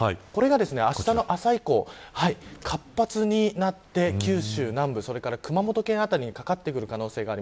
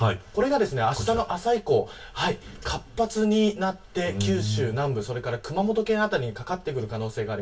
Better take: first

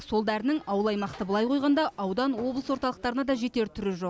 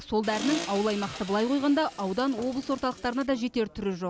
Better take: first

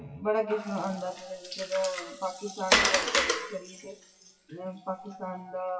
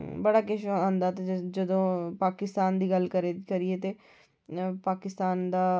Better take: second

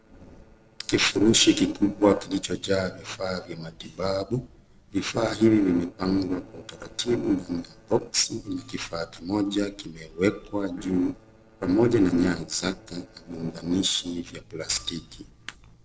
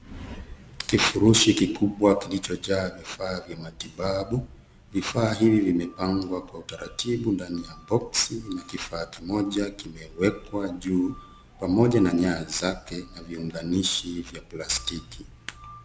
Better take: second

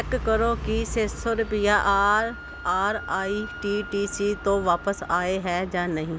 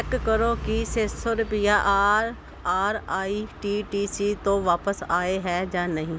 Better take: second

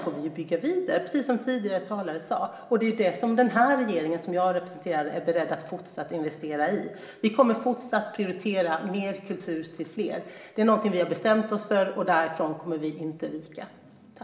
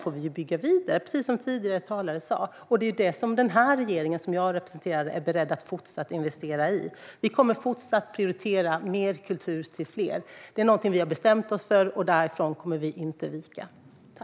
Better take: second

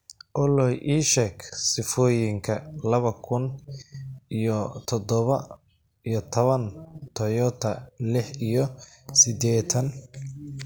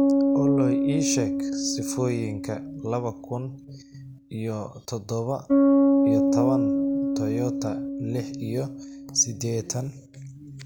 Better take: first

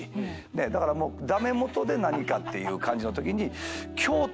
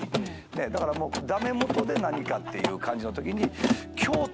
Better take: first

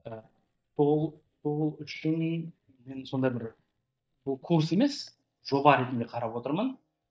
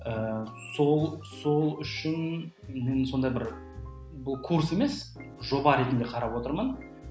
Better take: second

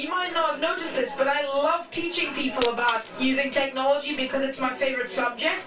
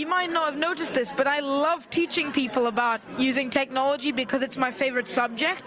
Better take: second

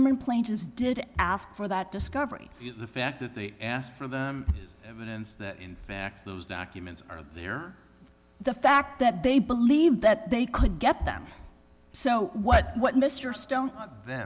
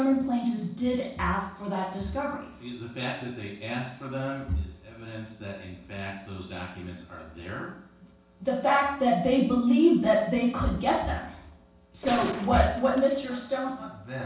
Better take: first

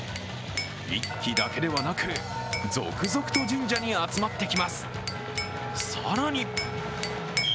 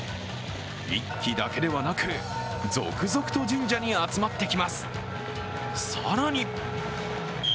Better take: second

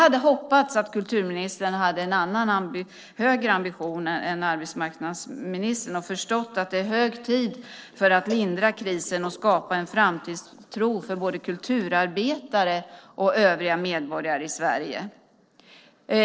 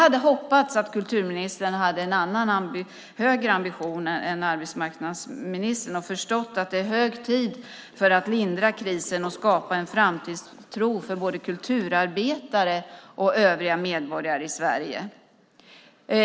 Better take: second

